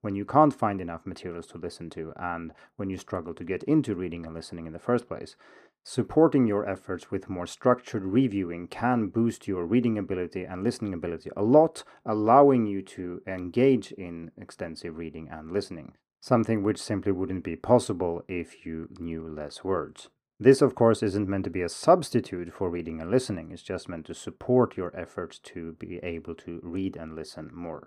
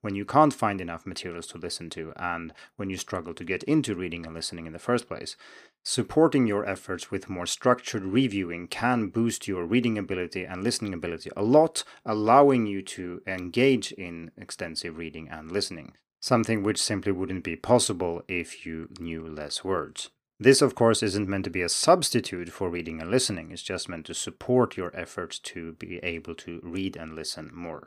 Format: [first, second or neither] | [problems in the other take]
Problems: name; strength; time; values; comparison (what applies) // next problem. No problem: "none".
second | muffled; slightly; fading above 2 kHz